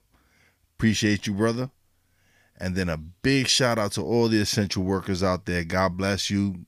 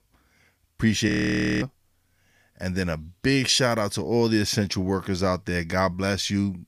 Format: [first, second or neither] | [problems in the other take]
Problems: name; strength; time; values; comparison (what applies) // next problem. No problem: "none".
first | audio freezing; at 1 s for 0.5 s